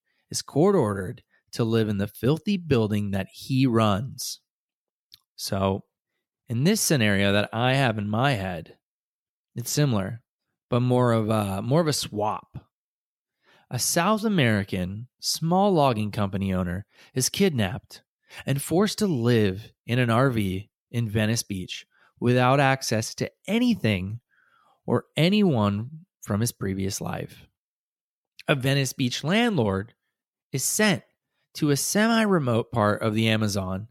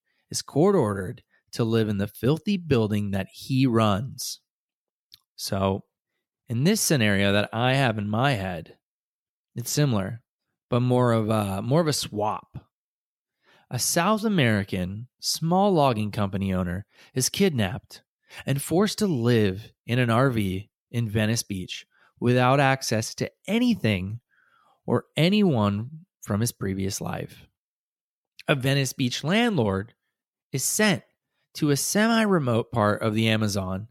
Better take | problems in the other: neither | none

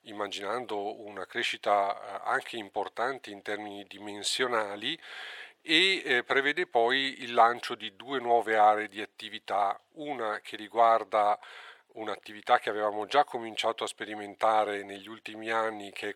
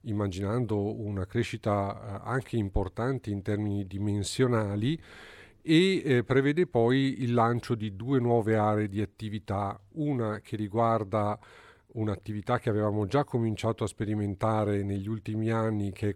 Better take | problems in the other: second | thin; very; fading below 650 Hz

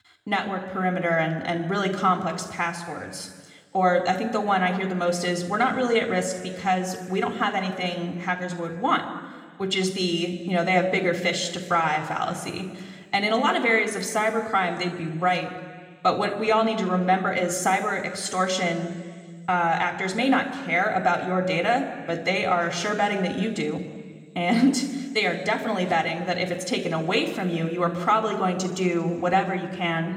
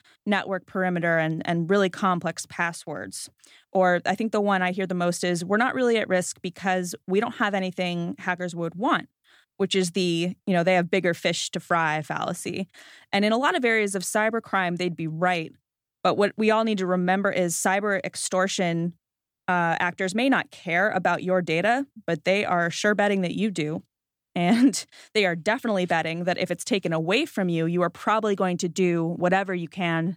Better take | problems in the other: second | room echo; slight; dies away in 1.6 s

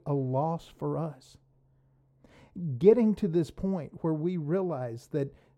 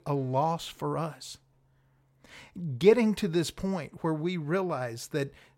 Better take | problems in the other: second | muffled; slightly; fading above 1 kHz

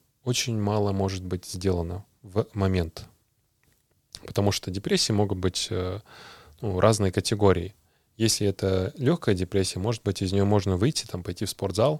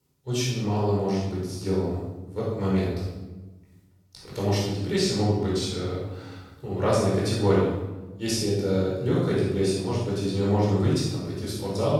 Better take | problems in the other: first | off-mic speech; far // room echo; strong; dies away in 1 s

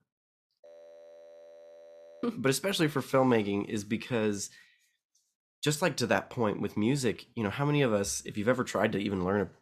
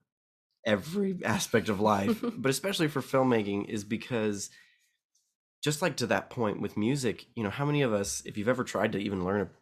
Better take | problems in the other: second | audio freezing; at 0.5 s for 1.5 s

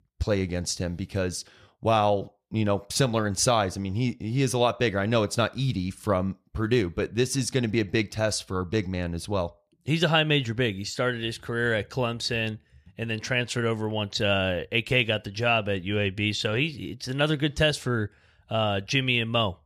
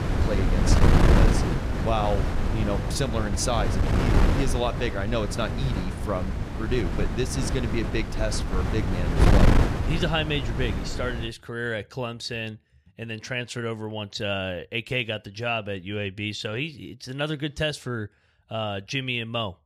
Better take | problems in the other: first | wind noise on the microphone; heavy; until 11 s; 1 dB below the speech

